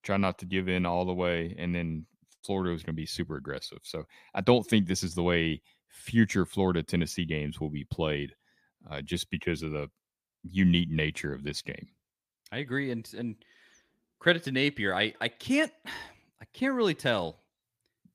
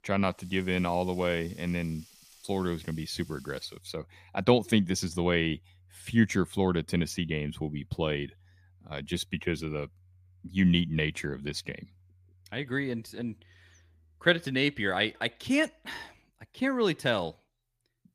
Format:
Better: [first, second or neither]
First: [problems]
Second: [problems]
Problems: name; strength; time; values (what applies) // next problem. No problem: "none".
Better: first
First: none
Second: household noises; faint; throughout; 30 dB below the speech